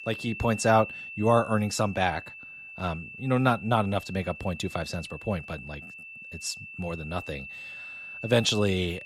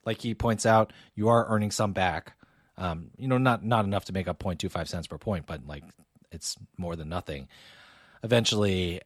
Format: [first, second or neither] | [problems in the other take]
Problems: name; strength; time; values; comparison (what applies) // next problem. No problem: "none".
second | high-pitched whine; noticeable; throughout; 2.5 kHz, 10 dB below the speech